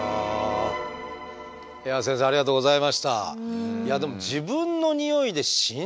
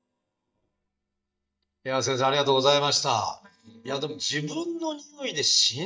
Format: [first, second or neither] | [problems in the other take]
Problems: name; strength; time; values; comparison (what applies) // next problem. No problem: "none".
first | noise reduction (neural mask model DeepFilterNet 3)